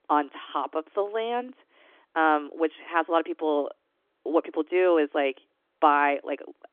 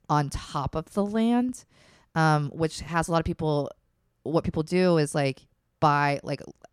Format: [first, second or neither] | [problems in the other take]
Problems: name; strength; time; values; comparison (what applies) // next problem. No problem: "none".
second | phone-call audio